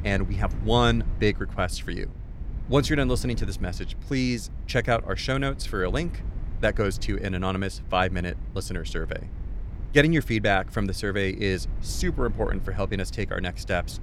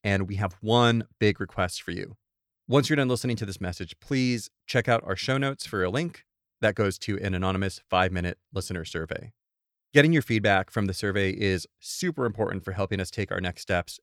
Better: second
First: low rumble; faint; throughout; 20 dB below the speech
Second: none

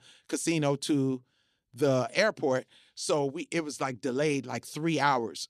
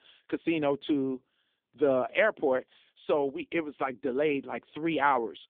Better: first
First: none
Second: phone-call audio

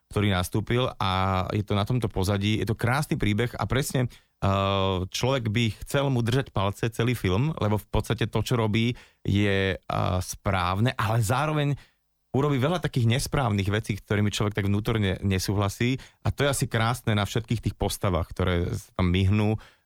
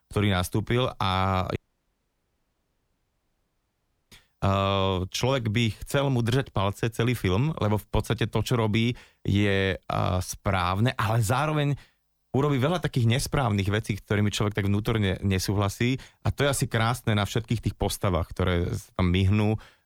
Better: first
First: none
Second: audio cutting out; at 1.5 s for 2.5 s

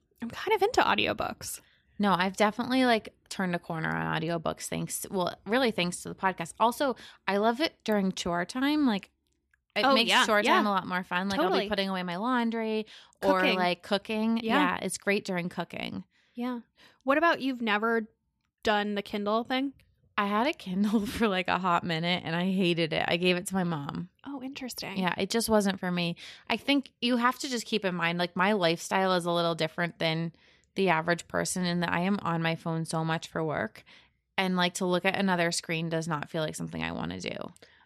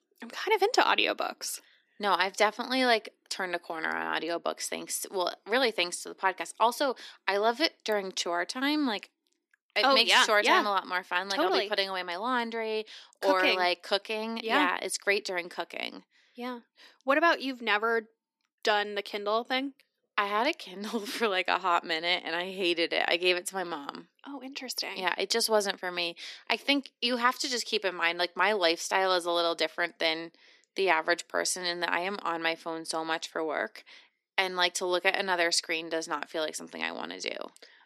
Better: first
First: none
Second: thin; somewhat; fading below 300 Hz

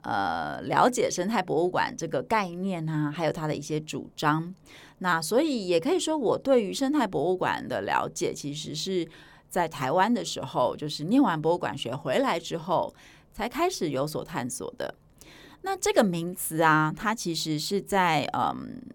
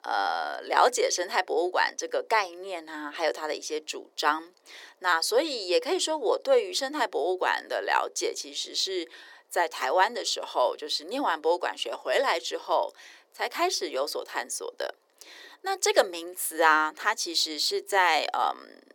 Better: first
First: none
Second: thin; very; fading below 350 Hz

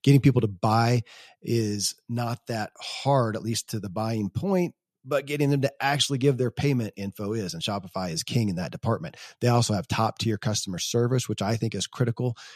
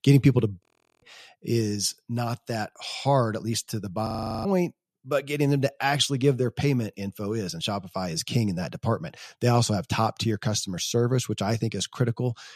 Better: first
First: none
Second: audio freezing; at 0.5 s and at 4 s

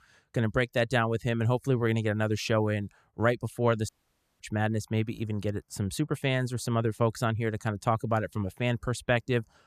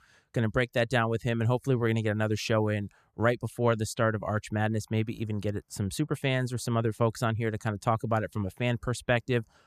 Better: second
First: audio cutting out; at 4 s for 0.5 s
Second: none

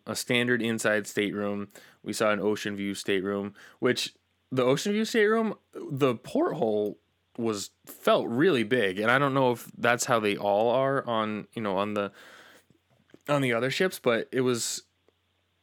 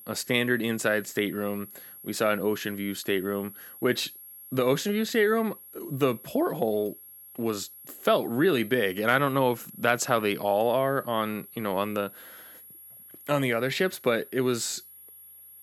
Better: first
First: none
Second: high-pitched whine; noticeable; throughout; 11.5 kHz, 15 dB below the speech

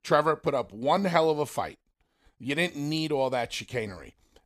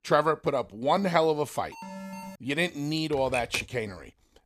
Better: first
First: none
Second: alarm; faint; at 1.5 s; peak 10 dB below the speech // keyboard typing; noticeable; at 3 s; peak 4 dB below the speech

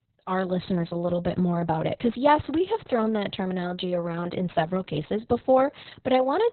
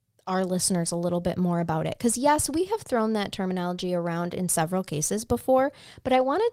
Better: second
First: garbled, watery; badly; nothing above 4 kHz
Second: garbled, watery; slightly; nothing above 16 kHz

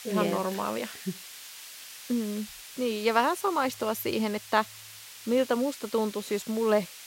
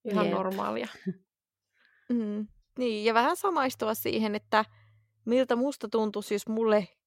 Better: second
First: hiss; noticeable; throughout; 15 dB below the speech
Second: none

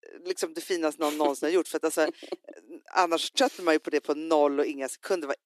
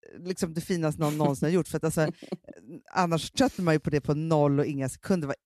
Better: second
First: thin; somewhat; fading below 300 Hz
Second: none

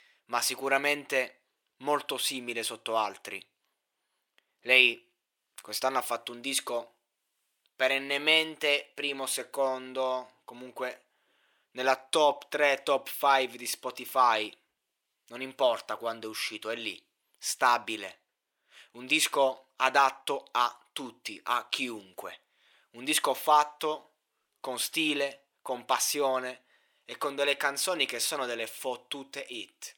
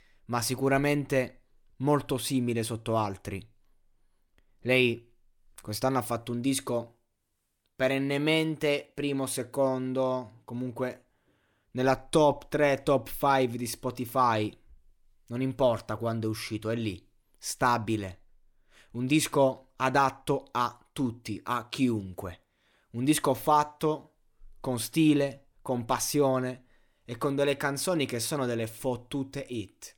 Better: second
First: thin; somewhat; fading below 600 Hz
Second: none

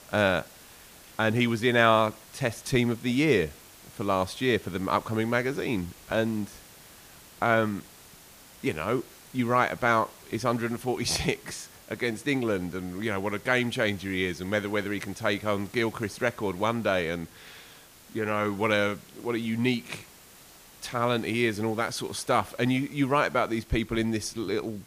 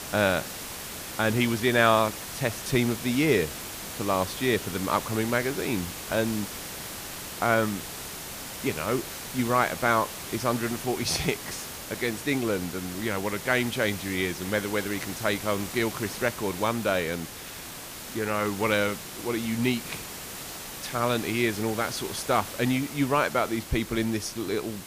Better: first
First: hiss; faint; throughout; 20 dB below the speech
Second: hiss; loud; throughout; 9 dB below the speech

